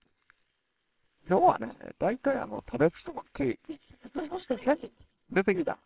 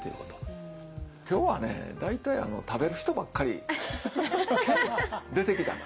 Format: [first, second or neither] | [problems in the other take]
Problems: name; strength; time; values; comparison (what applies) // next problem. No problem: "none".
second | noise reduction (neural separator model SepFormer WHAMR!)